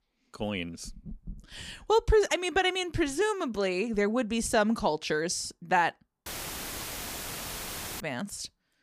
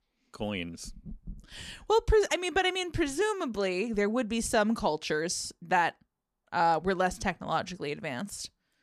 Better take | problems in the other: second | audio cutting out; filled with static; at 6.5 s for 1.5 s

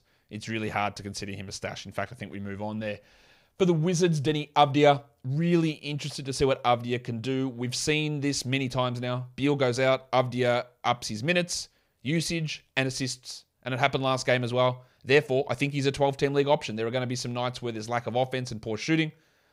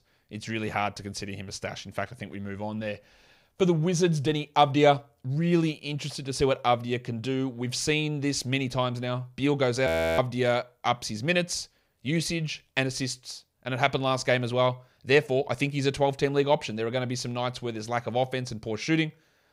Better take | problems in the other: first | audio freezing; at 10 s

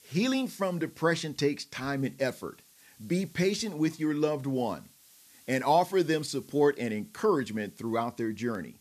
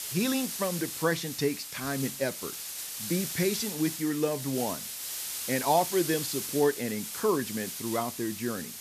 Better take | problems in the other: first | hiss; loud; throughout; 4 dB below the speech; faint in the first

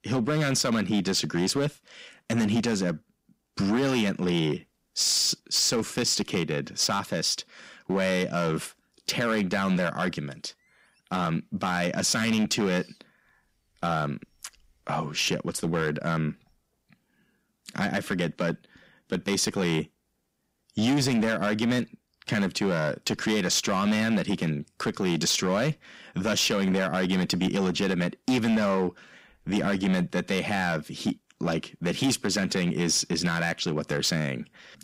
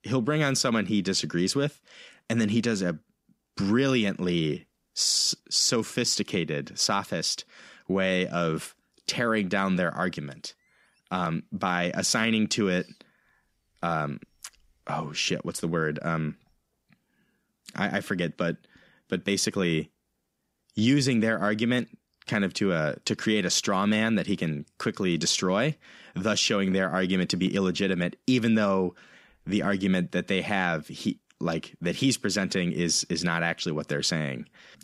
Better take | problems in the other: second | distortion; slight; 7% of the sound clipped

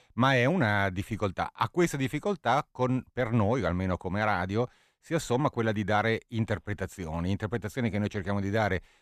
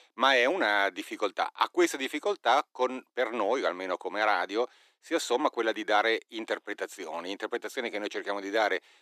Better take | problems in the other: first | thin; very; fading below 300 Hz

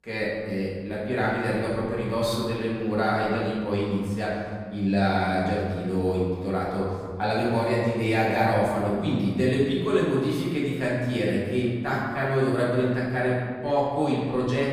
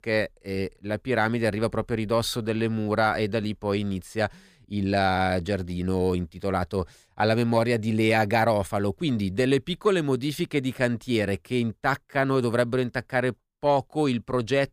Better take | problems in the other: second | room echo; noticeable; dies away in 1.6 s // off-mic speech; far

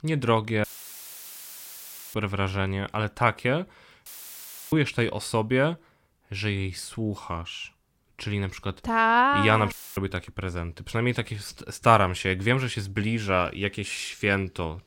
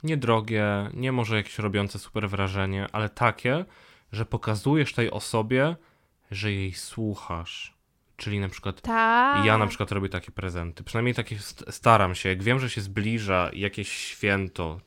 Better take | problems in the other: second | audio cutting out; filled with static; at 0.5 s for 1.5 s, at 4 s for 0.5 s and at 9.5 s

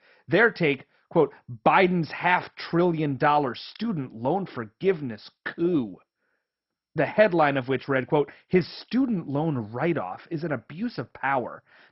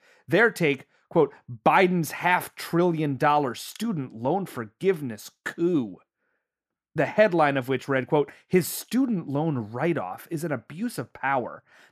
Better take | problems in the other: second | garbled, watery; badly; nothing above 5.5 kHz

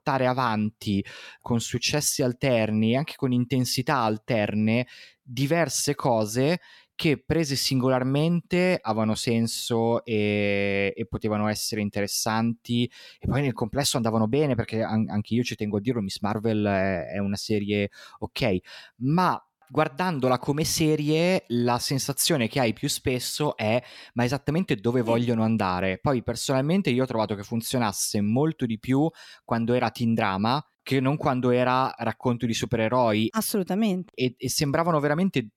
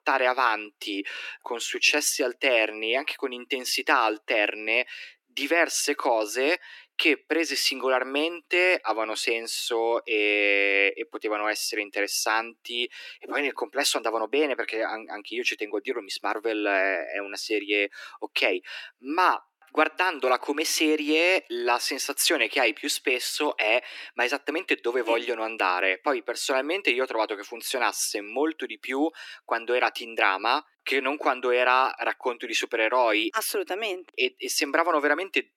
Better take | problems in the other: first | thin; very; fading below 300 Hz

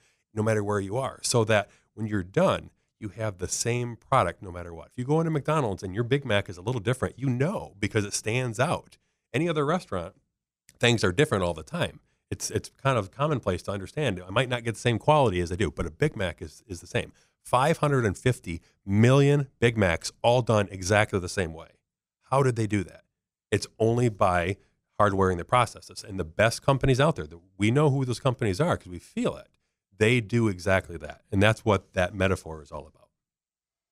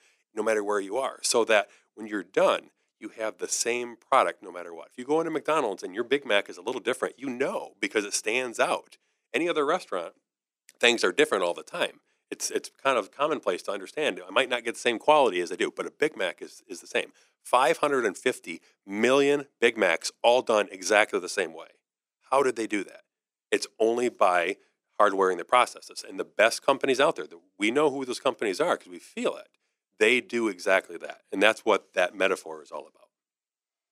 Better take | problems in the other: first | thin; somewhat; fading below 300 Hz

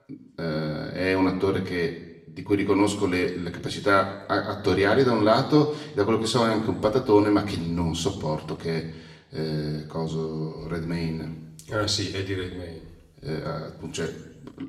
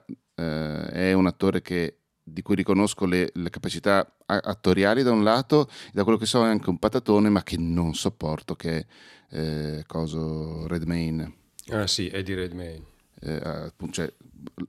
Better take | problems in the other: second | room echo; slight; dies away in 0.8 s // off-mic speech; somewhat distant

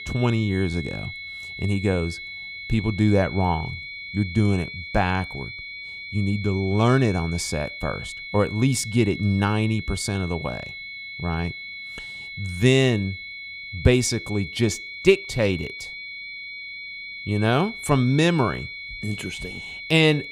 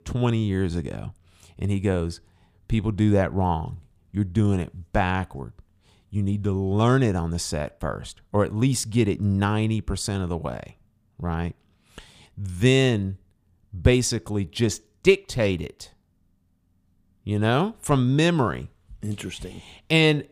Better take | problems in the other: second | high-pitched whine; noticeable; throughout; 2 kHz, 10 dB below the speech

